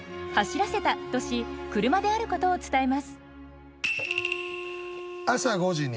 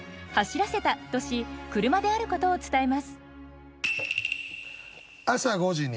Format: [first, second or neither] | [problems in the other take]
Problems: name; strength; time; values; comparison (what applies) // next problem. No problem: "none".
second | background sound (Wind instrument, woodwind instrument); 11 dB below the speech